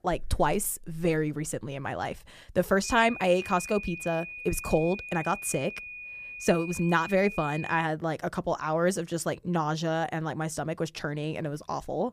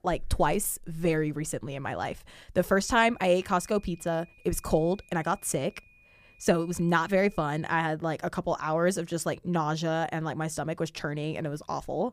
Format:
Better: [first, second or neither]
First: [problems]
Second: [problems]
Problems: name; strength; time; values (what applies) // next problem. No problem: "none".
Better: second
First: high-pitched whine; loud; from 3 to 8 s; 2.5 kHz, 10 dB below the speech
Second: high-pitched whine; faint; from 3 to 8 s; 2.5 kHz, 30 dB below the speech